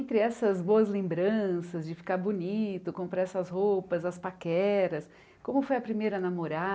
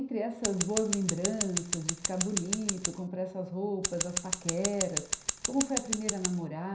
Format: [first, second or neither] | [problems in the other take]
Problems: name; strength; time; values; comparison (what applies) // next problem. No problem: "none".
first | background sound (Scissors); as loud as the speech // room echo; dies away in 0.5 s